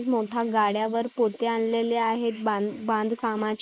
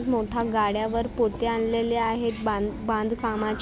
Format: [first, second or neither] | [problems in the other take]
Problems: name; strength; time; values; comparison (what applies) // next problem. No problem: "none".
second | noise reduction (neural mask model Resemble Enhance denoiser)